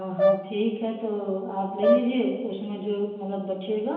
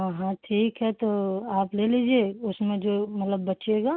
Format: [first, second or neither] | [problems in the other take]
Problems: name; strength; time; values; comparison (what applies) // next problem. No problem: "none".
second | background sound (Brass instrument); as loud as the speech // room echo; dies away in 1 s